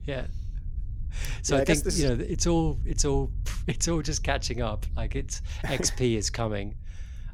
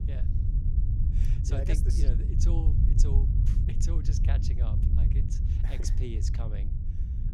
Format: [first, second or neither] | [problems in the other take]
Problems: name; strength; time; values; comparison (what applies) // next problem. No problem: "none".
first | low rumble; loud; throughout; as loud as the speech; faint in the first